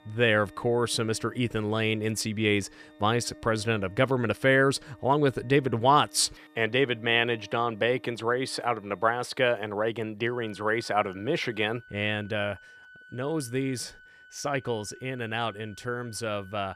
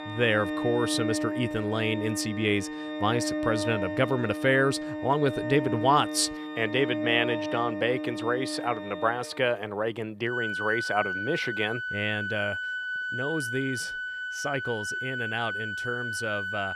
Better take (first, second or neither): first